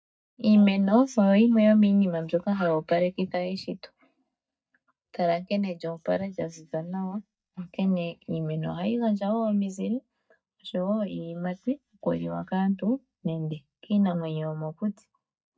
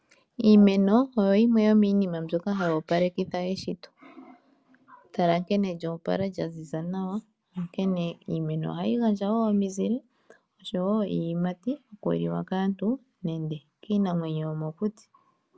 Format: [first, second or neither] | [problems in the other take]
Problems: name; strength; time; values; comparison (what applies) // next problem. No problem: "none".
second | noise reduction (neural mask model DeepFilterNet 3)